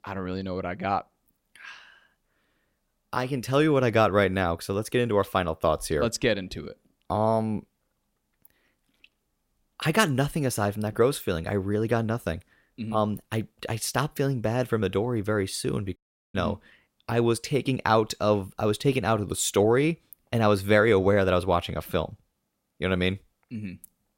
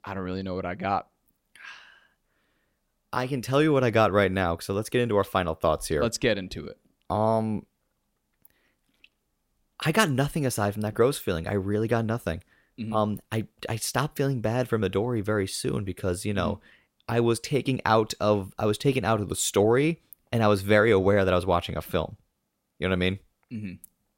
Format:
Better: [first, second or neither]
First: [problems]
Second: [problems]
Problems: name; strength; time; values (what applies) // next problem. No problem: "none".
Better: second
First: audio cutting out; at 16 s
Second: none